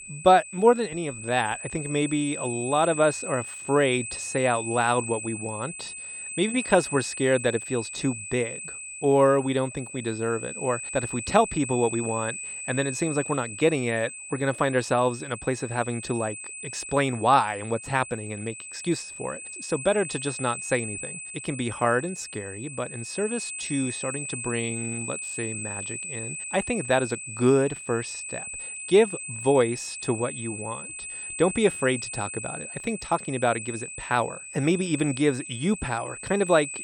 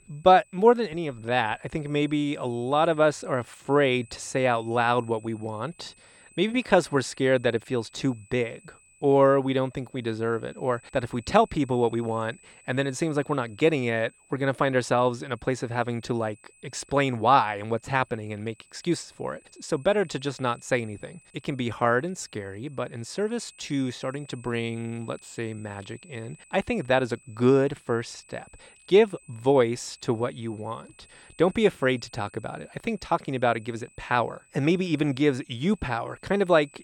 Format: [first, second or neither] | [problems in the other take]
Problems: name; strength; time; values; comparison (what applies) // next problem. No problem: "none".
second | high-pitched whine; loud; throughout; 8 kHz, 8 dB below the speech; faint in the second